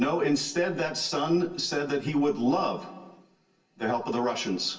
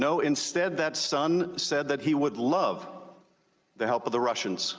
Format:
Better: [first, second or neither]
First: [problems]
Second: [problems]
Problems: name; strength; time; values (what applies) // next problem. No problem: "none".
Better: second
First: room echo; dies away in 0.3 s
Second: none